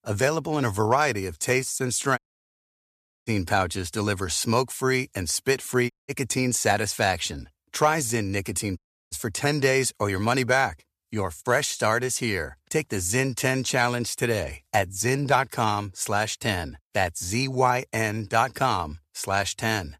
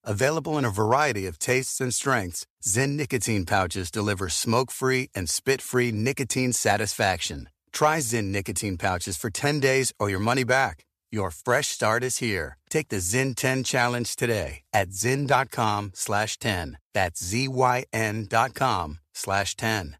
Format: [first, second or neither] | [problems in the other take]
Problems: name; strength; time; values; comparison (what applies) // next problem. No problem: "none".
second | audio cutting out; at 2 s for 1 s, at 6 s and at 9 s